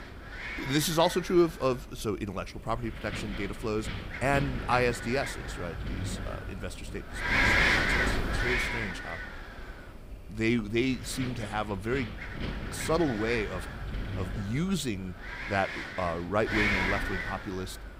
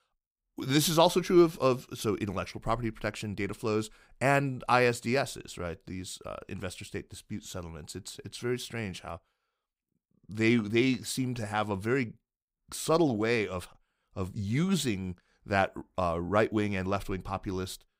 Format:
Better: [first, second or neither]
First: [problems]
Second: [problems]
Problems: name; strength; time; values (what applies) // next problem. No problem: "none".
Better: second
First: wind noise on the microphone; heavy; 1 dB above the speech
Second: none